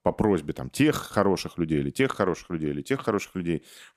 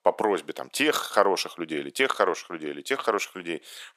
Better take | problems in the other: first | thin; somewhat; fading below 600 Hz

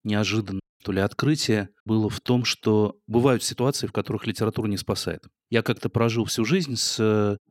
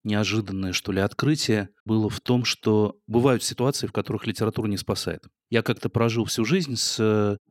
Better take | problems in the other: second | audio cutting out; at 0.5 s

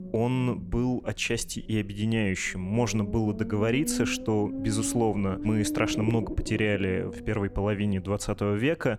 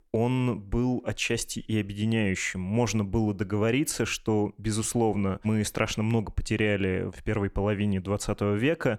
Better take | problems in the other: second | low rumble; loud; throughout; 9 dB below the speech

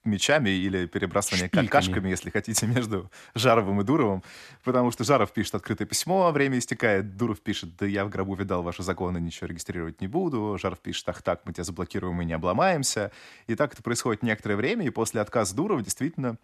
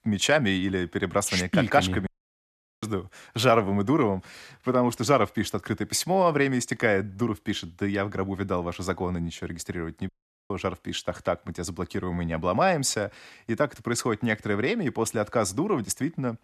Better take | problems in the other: first | audio cutting out; at 2 s for 1 s and at 10 s

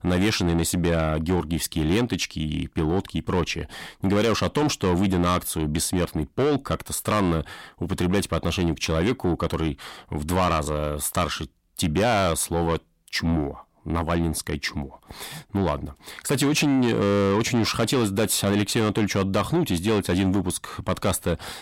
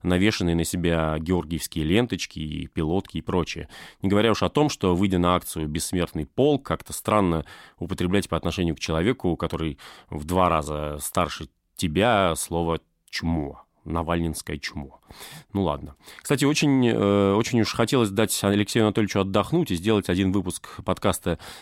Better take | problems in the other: second | distortion; heavy; 8 dB below the speech

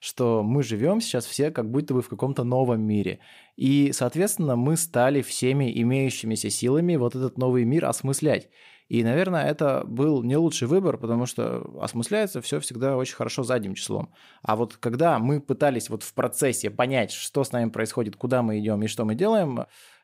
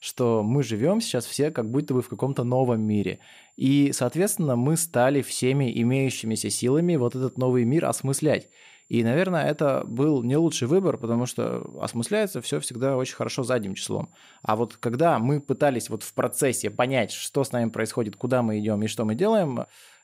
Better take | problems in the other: first | high-pitched whine; faint; throughout; 7 kHz, 35 dB below the speech

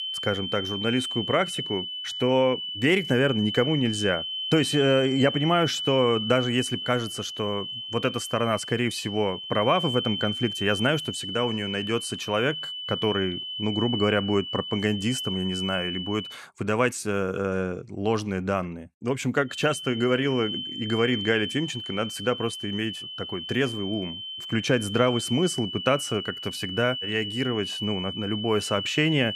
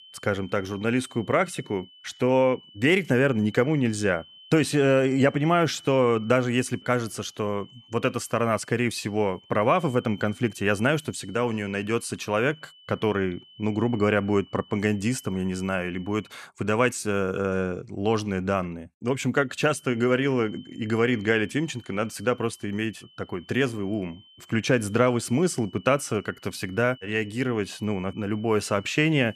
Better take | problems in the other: second | high-pitched whine; loud; until 16 s and from 20 s on; 3 kHz, 5 dB below the speech; faint in the second

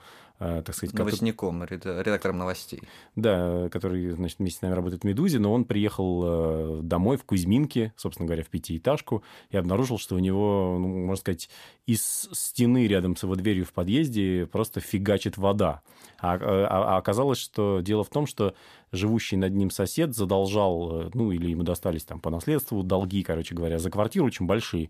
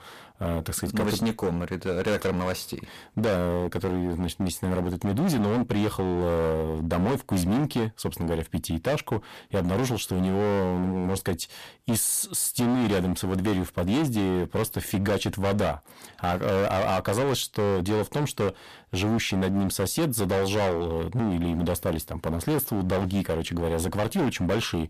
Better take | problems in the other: first | distortion; heavy; 18% of the sound clipped

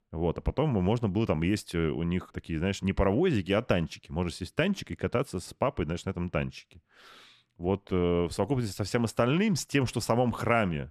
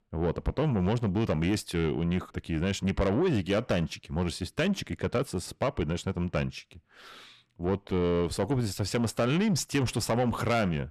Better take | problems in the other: first | distortion; slight; 10 dB below the speech

